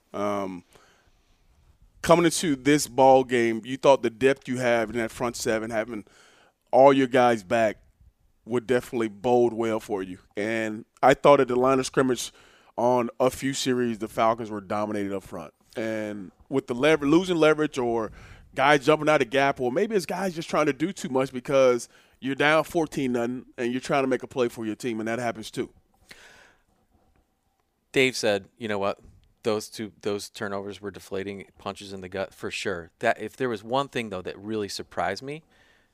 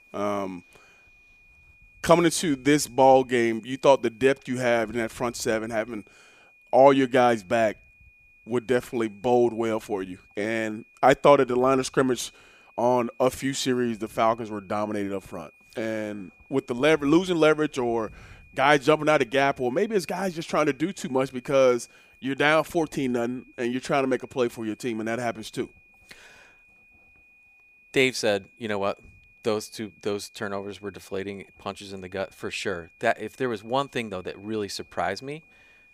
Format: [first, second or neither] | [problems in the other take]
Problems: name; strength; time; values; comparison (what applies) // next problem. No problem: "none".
first | high-pitched whine; faint; throughout; 2.5 kHz, 30 dB below the speech